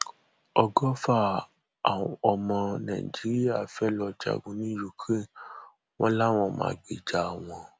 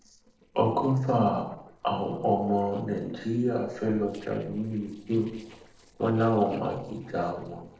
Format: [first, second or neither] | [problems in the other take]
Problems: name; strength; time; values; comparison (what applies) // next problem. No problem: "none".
first | noise reduction (neural separator model SepFormer DNS4)